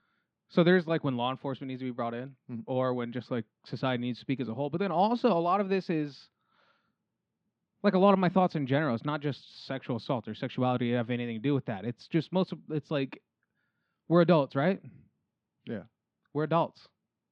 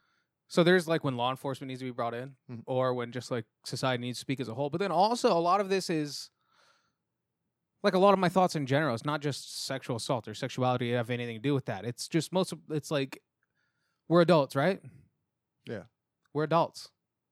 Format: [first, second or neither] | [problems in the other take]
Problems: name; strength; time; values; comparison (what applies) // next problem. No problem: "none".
second | muffled; slightly; fading above 3.5 kHz